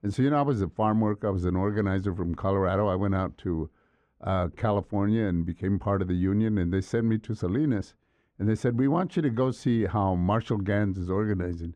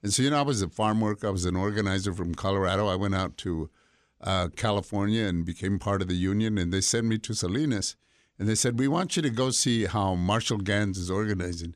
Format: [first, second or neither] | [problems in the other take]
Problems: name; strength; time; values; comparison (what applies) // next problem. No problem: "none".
second | muffled; very; fading above 3 kHz